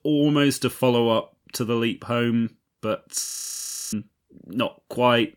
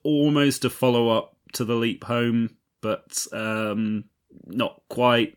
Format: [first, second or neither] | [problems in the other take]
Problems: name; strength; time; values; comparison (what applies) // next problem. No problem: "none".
second | audio freezing; at 3.5 s for 0.5 s